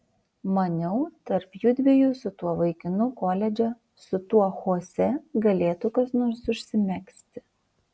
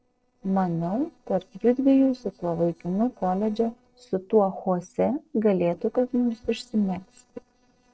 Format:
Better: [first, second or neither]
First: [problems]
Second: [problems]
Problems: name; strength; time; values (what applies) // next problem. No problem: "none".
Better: first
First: none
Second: noise reduction (neural separator model SepFormer DNS4)